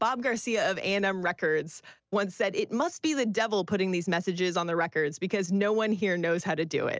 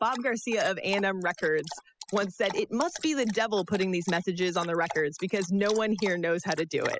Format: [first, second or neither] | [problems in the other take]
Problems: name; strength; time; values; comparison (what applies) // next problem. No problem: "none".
first | noise reduction (classical method spectral subtraction)